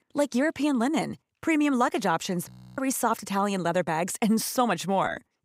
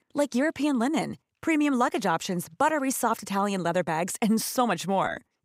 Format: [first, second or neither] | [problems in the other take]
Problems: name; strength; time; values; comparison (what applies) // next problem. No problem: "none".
second | audio freezing; at 2.5 s